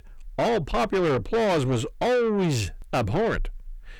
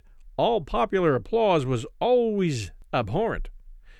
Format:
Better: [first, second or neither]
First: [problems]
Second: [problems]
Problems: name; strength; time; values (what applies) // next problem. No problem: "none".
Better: second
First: distortion; heavy; 8 dB below the speech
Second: none